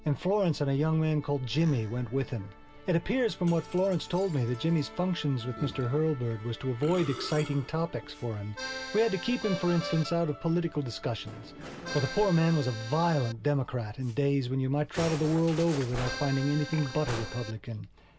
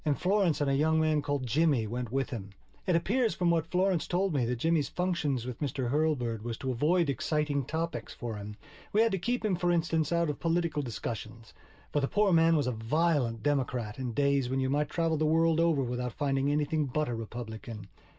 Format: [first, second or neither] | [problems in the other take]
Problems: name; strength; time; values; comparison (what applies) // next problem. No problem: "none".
second | background sound (Accordion + Musical instrument); 13 dB below the speech